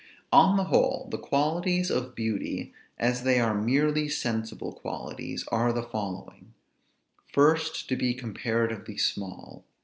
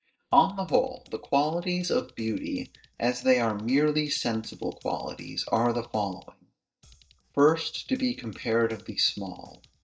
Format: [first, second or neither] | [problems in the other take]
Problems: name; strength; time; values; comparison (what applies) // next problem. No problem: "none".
first | noise reduction (neural mask model DeepFilterNet 3)